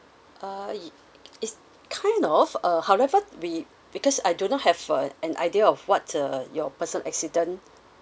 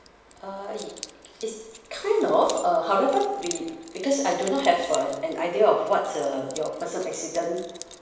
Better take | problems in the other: first | background sound (Keys jangling); 17 dB below the speech // room echo; dies away in 0.9 s

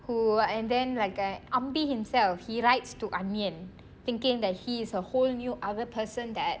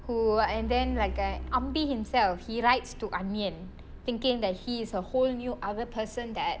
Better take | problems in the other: first | background sound (Truck); 11 dB below the speech

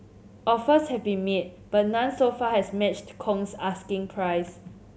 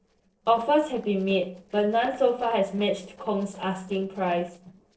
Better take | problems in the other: first | noise reduction (neural separator model SepFormer DNS4)

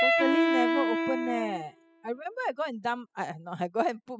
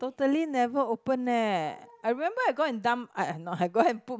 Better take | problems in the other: second | noise reduction (classical method spectral subtraction)

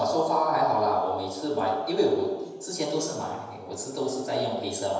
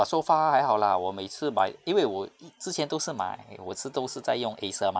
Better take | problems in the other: second | room echo; dies away in 1.1 s

